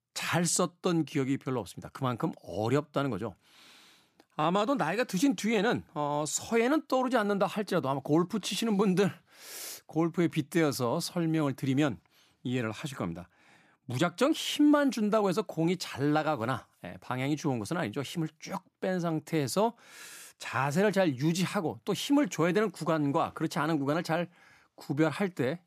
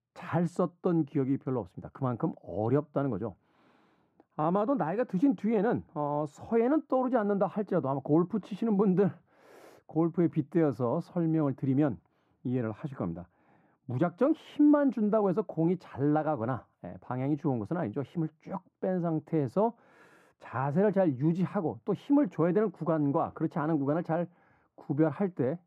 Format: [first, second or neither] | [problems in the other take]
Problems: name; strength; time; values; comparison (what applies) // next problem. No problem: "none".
first | muffled; very; fading above 2 kHz